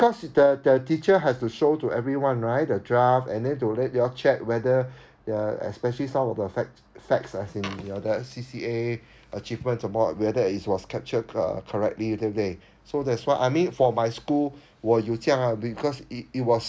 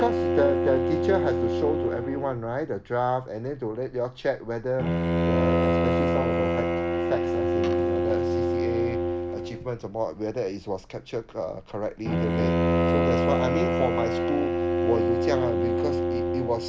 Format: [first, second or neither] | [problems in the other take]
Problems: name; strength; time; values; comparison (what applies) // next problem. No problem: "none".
first | background sound (Bowed string instrument); 4 dB above the speech